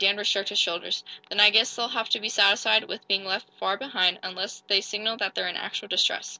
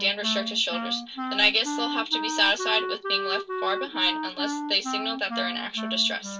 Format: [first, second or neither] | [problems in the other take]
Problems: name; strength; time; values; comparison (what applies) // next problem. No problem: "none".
first | background sound (Wind instrument, woodwind instrument); 4 dB below the speech // room echo; dies away in 0.1 s